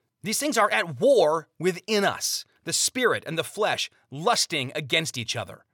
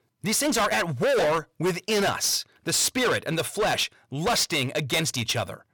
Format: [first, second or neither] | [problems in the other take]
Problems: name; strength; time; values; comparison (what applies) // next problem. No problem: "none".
first | distortion; heavy; 18% of the sound clipped